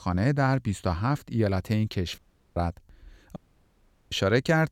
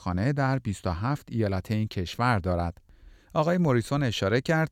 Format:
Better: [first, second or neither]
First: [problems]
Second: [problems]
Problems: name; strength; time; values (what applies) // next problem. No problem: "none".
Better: second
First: audio cutting out; at 2 s and at 3.5 s for 1 s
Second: none